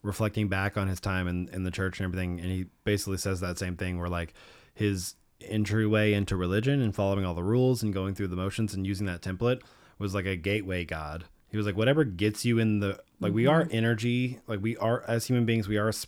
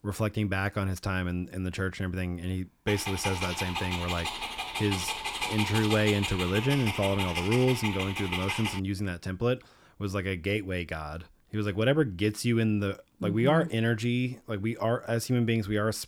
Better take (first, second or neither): first